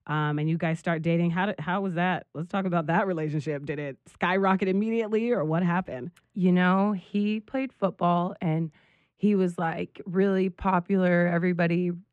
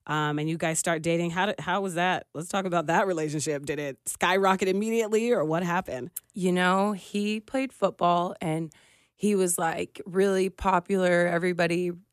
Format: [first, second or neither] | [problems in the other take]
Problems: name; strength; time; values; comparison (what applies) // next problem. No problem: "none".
second | muffled; very; fading above 2.5 kHz